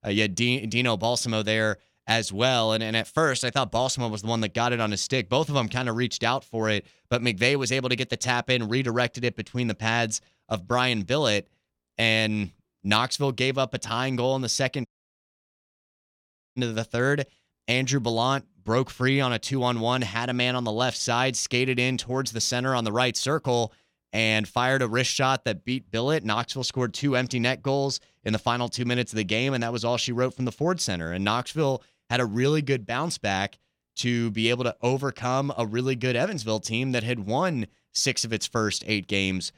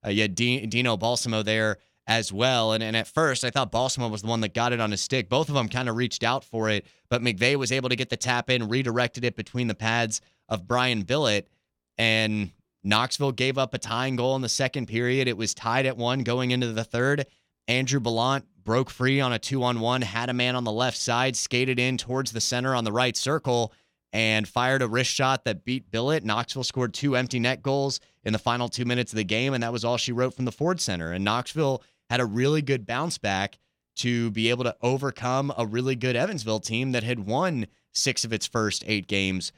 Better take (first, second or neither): second